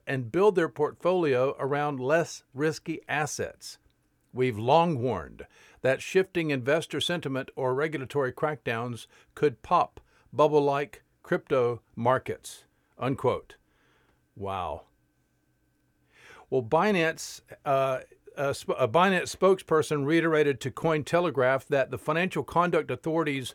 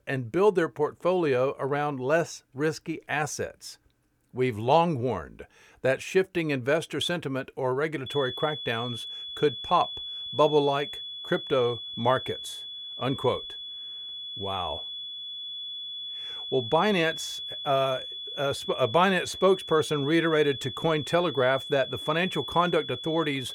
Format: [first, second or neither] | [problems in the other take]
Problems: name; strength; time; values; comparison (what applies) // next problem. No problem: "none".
first | high-pitched whine; loud; from 8 s on; 3.5 kHz, 8 dB below the speech